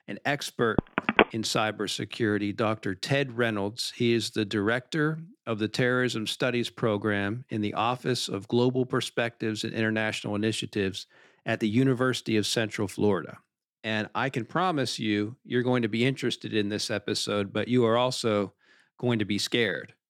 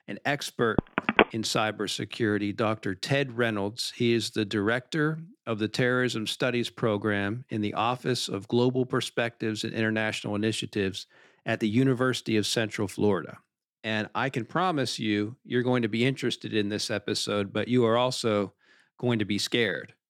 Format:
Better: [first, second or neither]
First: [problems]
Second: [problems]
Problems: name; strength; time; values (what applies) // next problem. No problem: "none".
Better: neither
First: phone ringing; loud; at 1 s; peak 5 dB above the speech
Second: phone ringing; loud; at 1 s; peak 5 dB above the speech